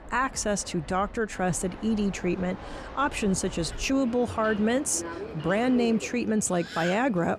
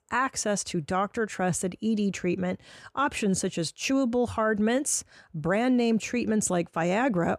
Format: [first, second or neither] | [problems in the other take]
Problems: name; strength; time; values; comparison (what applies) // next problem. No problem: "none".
second | train or aircraft noise; noticeable; throughout; 15 dB below the speech